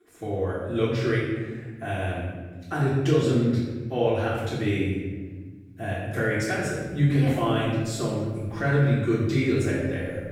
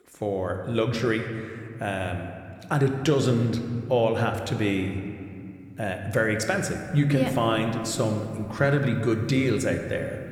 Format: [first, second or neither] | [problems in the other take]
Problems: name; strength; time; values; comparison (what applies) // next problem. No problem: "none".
second | room echo; strong; dies away in 1.5 s; slight in the second // off-mic speech; far